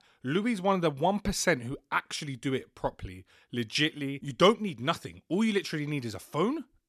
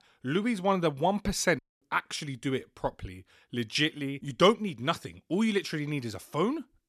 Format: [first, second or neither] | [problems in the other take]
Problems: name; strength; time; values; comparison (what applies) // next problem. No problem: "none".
first | audio cutting out; at 1.5 s